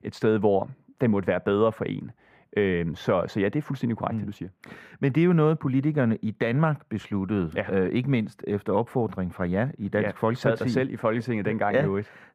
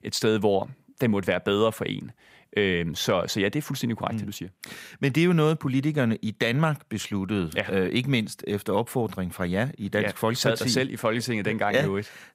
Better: second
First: muffled; very; fading above 3 kHz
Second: none

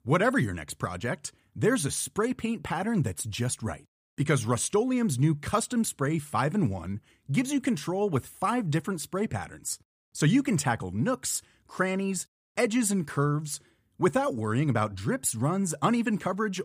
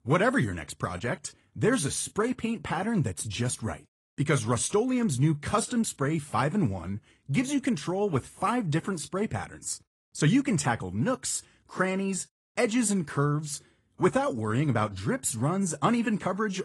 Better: first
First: none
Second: garbled, watery; slightly; nothing above 10.5 kHz

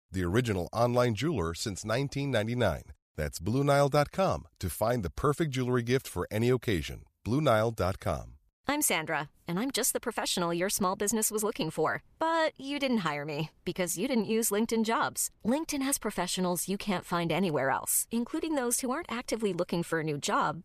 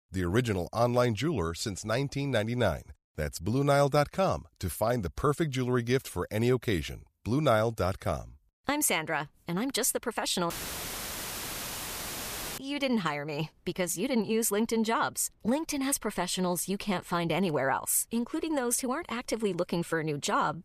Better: first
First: none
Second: audio cutting out; filled with static; at 11 s for 2 s

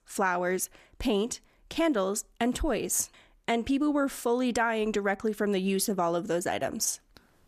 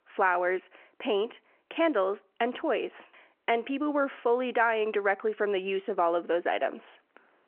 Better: first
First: none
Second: phone-call audio

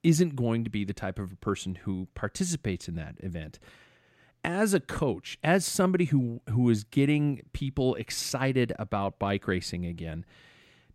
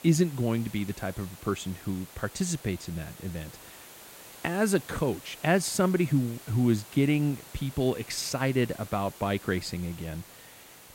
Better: first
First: none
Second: hiss; noticeable; throughout; 15 dB below the speech

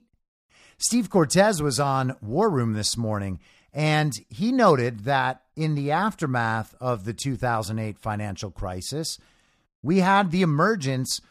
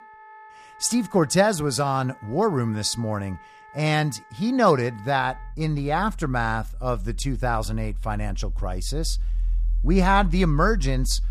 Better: first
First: none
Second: background music; loud; throughout; 7 dB below the speech

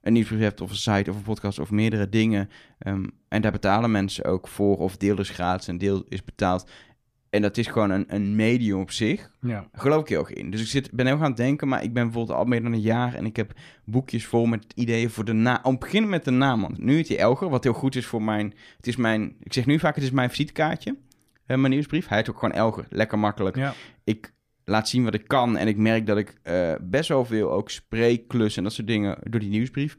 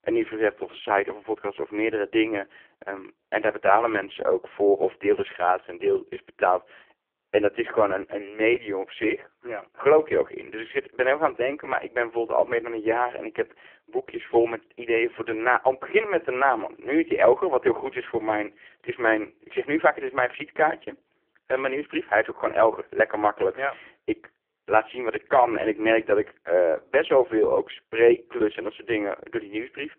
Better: first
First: none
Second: phone-call audio; poor line

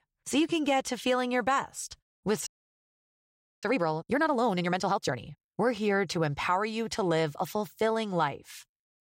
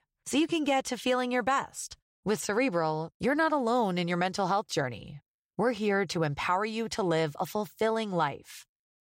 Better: second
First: audio freezing; at 2.5 s for 1 s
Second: none

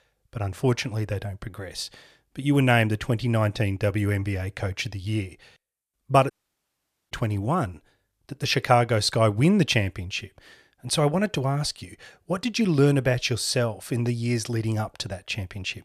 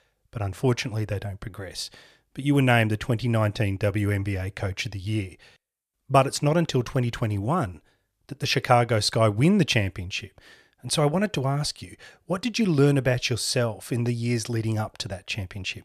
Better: second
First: audio cutting out; at 6.5 s for 1 s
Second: none

